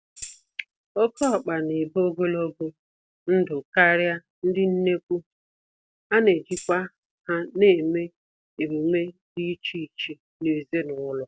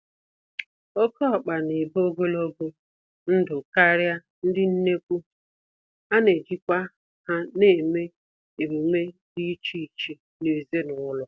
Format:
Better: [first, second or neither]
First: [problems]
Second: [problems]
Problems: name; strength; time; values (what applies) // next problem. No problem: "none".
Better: second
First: background sound (Tambourine); 17 dB below the speech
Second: none